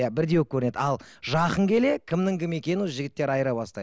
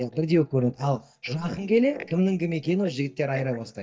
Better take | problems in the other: first | noise reduction (neural mask model DeepFilterNet 3)

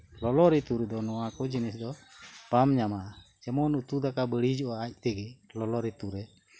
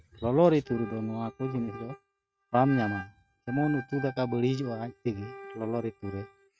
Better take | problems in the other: first | noise reduction (neural mask model RNNoise)

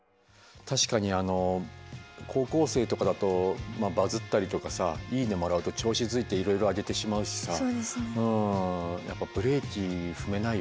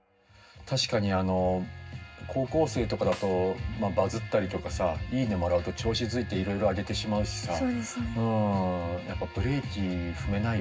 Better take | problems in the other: first | background sound (Snare drum); 16 dB below the speech // room echo; dies away in 0.4 s

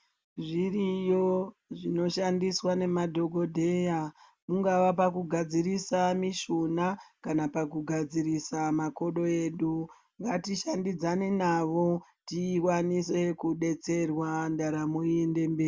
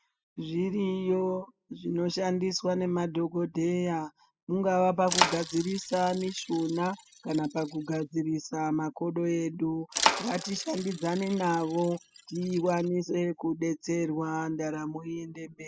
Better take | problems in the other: first | noise reduction (classical method spectral subtraction)

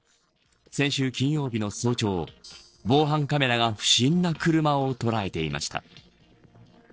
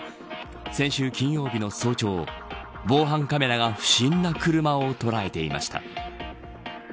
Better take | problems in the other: second | noise reduction (neural separator model SepFormer DNS4)

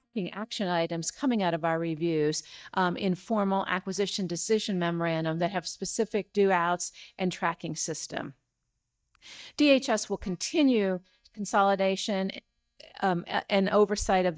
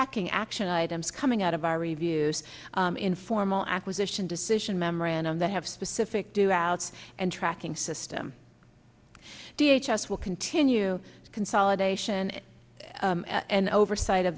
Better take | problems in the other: second | noise reduction (neural mask model DeepFilterNet 3)

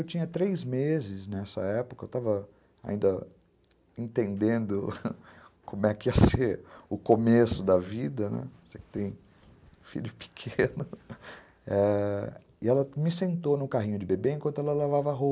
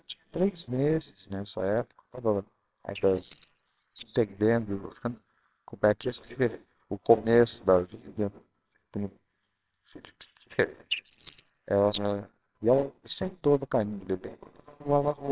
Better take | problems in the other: first | noise reduction (neural separator model SepFormer WHAMR!)

